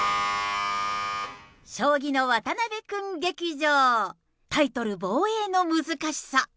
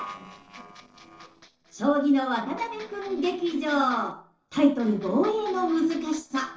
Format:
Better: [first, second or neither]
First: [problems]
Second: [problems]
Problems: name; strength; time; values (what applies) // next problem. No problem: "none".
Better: first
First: none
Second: noise reduction (neural separator model SepFormer DNS4)